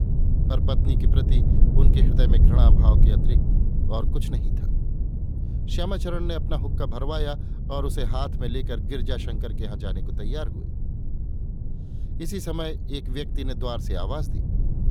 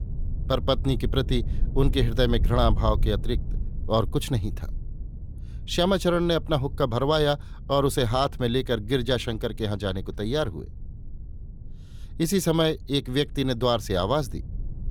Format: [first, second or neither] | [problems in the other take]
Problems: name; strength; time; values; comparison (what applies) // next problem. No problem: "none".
second | low rumble; loud; throughout; 6 dB below the speech; faint in the second